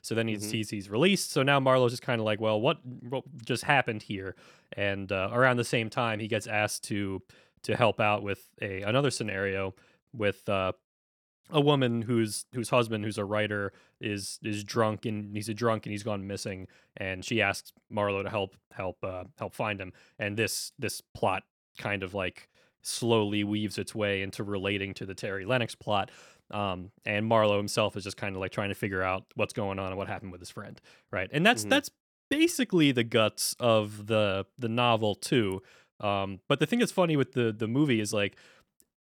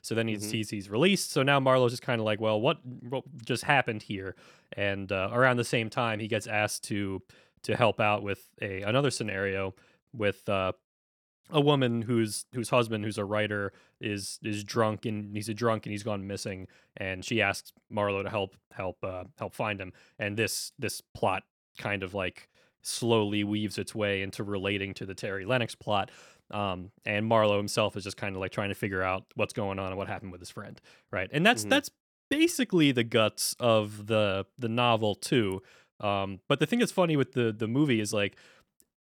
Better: neither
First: none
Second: none

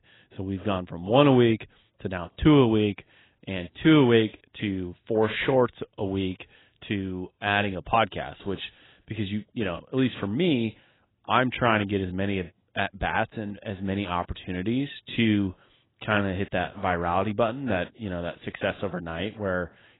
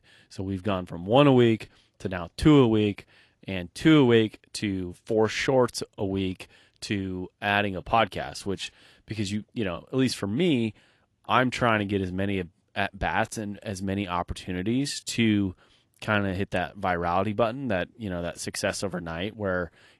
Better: second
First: garbled, watery; badly; nothing above 3.5 kHz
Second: garbled, watery; slightly; nothing above 11.5 kHz

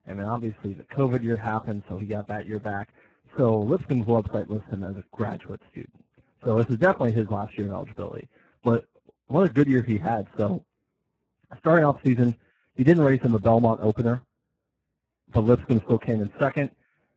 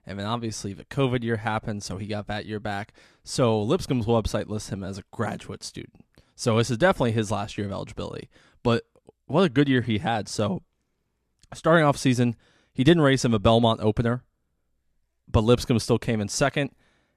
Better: second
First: garbled, watery; badly; nothing above 8 kHz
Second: none

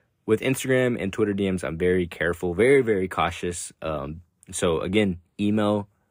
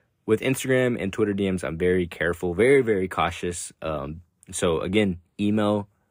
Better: neither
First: none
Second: none

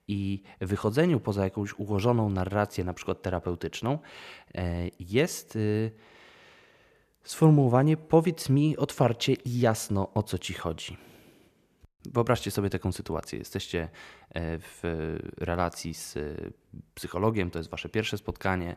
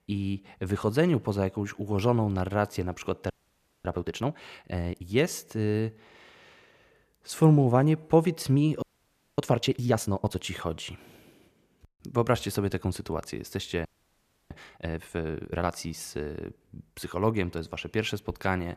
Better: first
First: none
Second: audio freezing; at 3.5 s for 0.5 s, at 9 s for 0.5 s and at 14 s for 0.5 s

